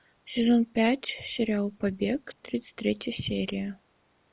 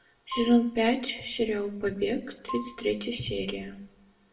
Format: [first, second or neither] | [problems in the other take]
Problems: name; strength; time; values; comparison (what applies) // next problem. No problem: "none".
first | background sound (Marimba, xylophone); 16 dB below the speech // room echo; dies away in 0.5 s